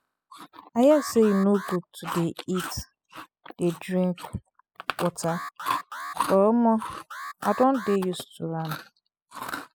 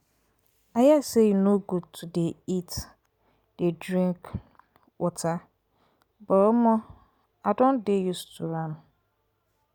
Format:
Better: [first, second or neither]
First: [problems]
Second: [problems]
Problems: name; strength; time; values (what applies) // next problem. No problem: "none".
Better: second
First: noise reduction (classical method spectral subtraction)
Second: none